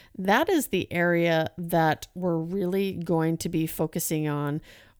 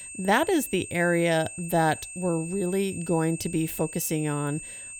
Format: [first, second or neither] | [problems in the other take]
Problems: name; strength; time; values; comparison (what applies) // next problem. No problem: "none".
first | high-pitched whine; noticeable; throughout; 8.5 kHz, 10 dB below the speech